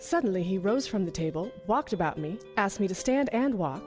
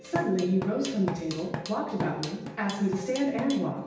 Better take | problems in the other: first | background sound (Drum kit); 10 dB below the speech // room echo; dies away in 0.9 s

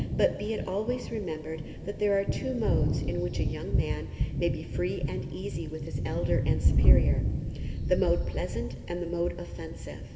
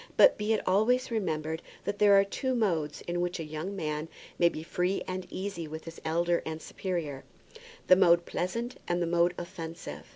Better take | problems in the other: second | background sound (Thunder); 4 dB above the speech // room echo; dies away in 2.1 s

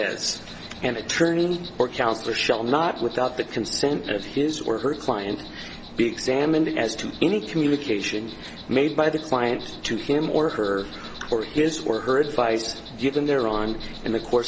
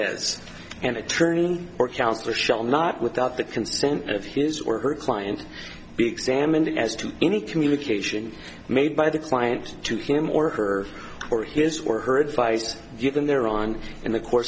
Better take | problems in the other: second | background sound (Insect); 17 dB below the speech

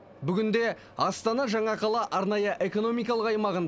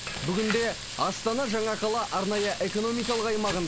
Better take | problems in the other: first | background sound (Frying (food)); 7 dB below the speech

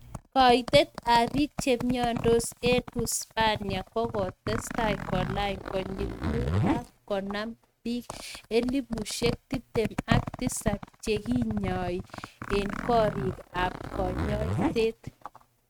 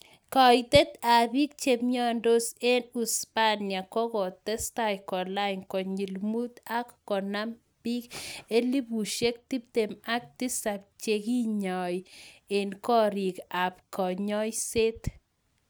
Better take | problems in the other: second | noise reduction (neural mask model RNNoise)

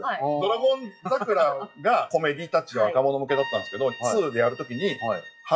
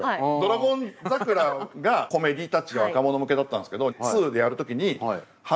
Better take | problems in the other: second | noise reduction (classical method WPE with log-MMSE)

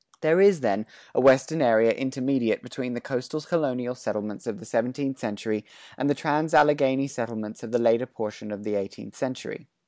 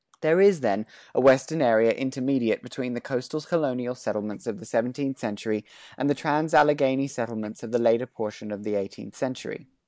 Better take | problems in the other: first | noise reduction (neural mask model Resemble Enhance denoiser)

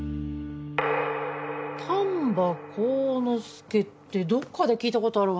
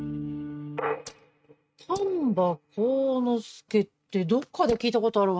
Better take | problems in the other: first | noise reduction (neural mask model RNNoise)

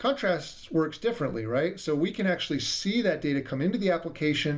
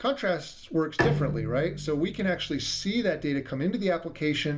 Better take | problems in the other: first | background sound (Bowed string instrument); 7 dB below the speech

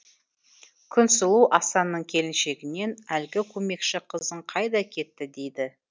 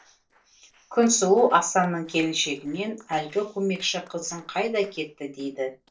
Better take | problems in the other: first | noise reduction (neural separator model SepFormer DNS4)

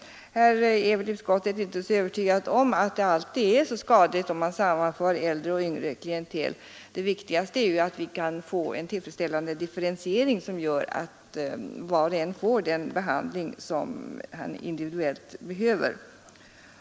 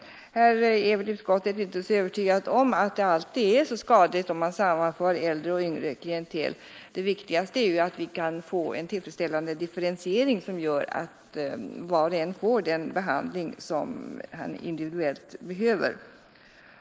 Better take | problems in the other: first | noise reduction (neural mask model Resemble Enhance denoiser)

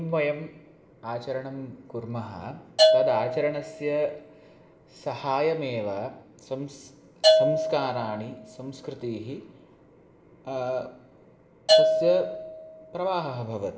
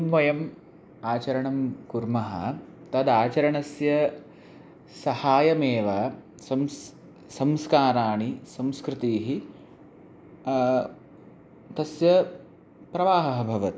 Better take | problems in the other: second | background sound (Bell / Percussion); 2 dB above the speech // room echo; dies away in 0.9 s

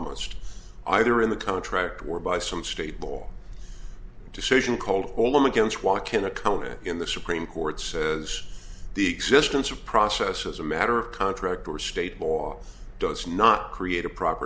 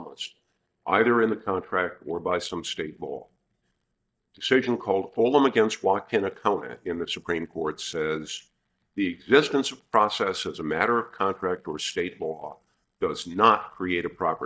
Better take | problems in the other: first | noise reduction (neural mask model DeepFilterNet 3)

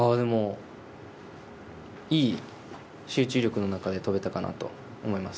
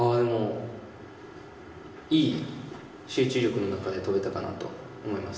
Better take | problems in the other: first | room echo; dies away in 1.3 s

